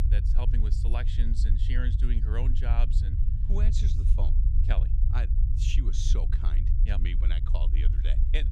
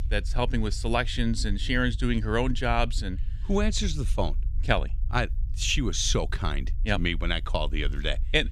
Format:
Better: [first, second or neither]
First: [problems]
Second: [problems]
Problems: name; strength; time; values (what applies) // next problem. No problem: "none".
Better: second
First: low rumble; loud; throughout; 5 dB below the speech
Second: low rumble; faint; throughout; 25 dB below the speech